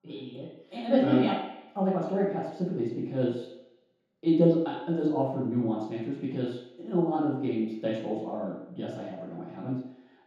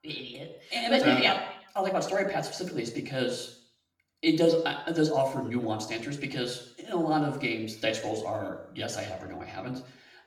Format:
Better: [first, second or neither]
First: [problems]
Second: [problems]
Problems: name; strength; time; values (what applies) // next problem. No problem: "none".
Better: second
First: room echo; strong; dies away in 0.8 s // off-mic speech; far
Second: room echo; slight; dies away in 0.7 s // off-mic speech; somewhat distant